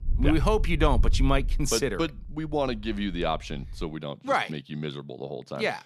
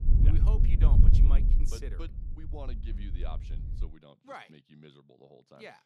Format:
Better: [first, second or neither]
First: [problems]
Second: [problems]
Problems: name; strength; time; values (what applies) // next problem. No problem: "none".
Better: first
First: wind noise on the microphone; occasional gusts; until 4 s; 20 dB below the speech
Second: wind noise on the microphone; heavy; until 4 s; 3 dB above the speech